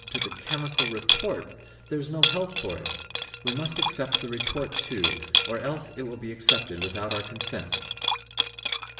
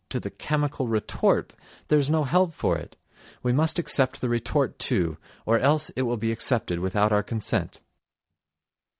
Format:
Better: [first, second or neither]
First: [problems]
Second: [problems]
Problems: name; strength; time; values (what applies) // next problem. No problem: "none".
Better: second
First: background sound (Liquid); 4 dB above the speech // room echo; dies away in 1.1 s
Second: none